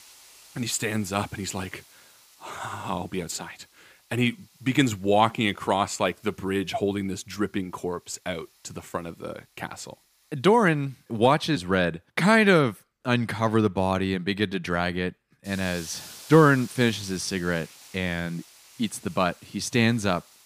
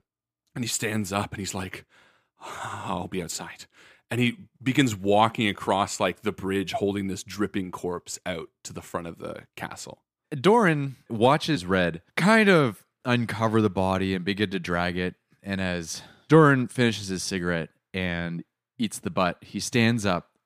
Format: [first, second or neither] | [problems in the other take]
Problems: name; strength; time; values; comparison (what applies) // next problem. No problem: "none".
second | hiss; faint; throughout; 20 dB below the speech